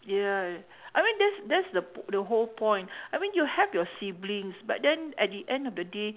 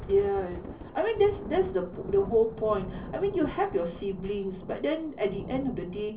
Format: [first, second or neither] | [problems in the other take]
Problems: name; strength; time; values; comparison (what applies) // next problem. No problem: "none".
first | background sound (Thunder); 12 dB below the speech // room echo; dies away in 0.5 s